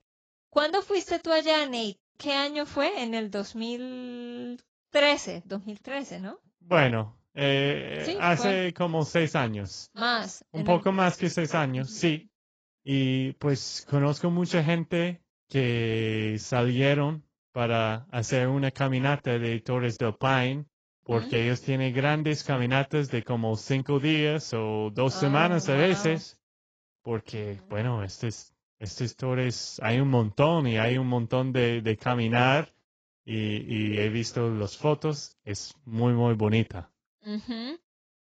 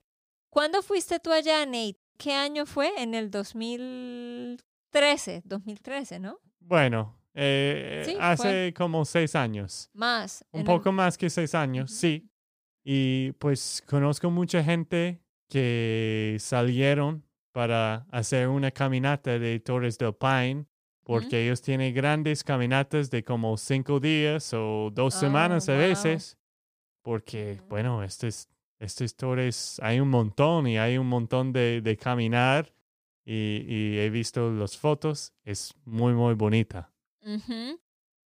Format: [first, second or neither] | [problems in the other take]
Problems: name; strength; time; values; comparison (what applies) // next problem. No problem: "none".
second | garbled, watery; badly; nothing above 7.5 kHz